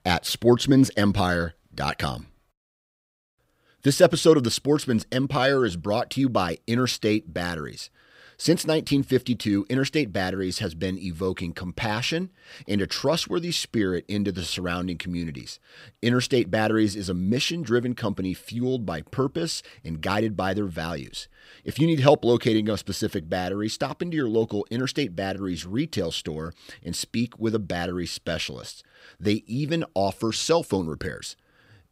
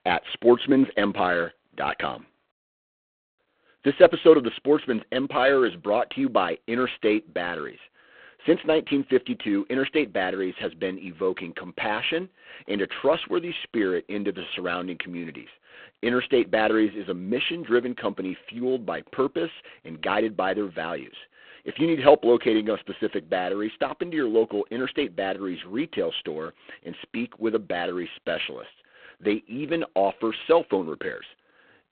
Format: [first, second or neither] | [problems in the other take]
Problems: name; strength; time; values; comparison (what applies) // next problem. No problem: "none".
first | phone-call audio; poor line